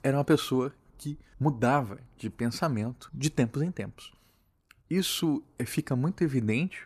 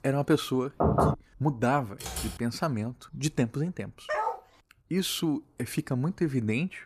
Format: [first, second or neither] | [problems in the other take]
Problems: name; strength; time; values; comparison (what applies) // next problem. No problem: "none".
first | door banging; loud; at 1 s; peak 5 dB above the speech // keyboard typing; noticeable; at 2 s; peak 5 dB below the speech // dog barking; noticeable; at 4 s; peak 1 dB below the speech